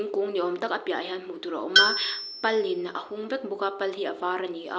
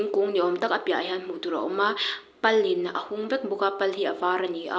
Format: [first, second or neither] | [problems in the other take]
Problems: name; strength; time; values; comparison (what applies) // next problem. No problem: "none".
second | background sound (Tools); as loud as the speech